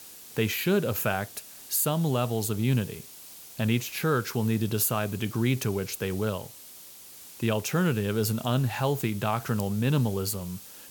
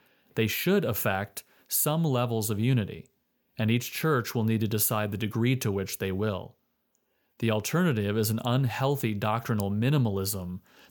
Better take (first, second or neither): second